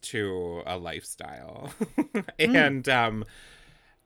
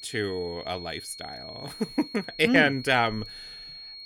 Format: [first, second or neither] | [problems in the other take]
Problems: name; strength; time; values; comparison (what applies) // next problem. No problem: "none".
first | high-pitched whine; noticeable; throughout; 4.5 kHz, 15 dB below the speech